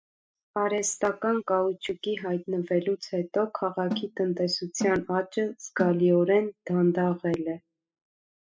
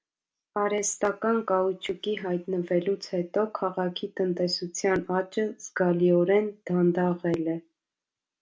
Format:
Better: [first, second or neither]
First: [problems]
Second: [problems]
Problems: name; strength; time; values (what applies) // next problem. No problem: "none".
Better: second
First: noise reduction (classical method spectral subtraction)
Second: none